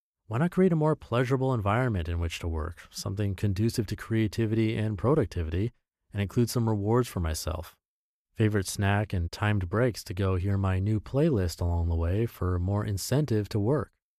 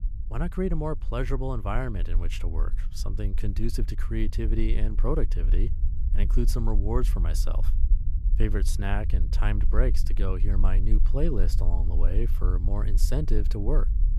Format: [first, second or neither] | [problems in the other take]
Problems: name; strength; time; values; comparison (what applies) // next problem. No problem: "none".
first | low rumble; noticeable; throughout; 15 dB below the speech